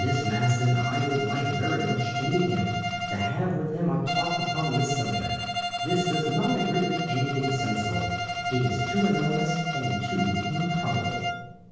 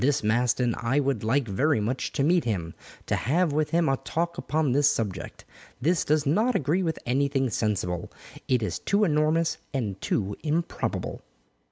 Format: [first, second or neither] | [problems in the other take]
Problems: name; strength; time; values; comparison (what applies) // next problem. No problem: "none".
second | background sound (Bowed string instrument); 4 dB below the speech // room echo; dies away in 1.3 s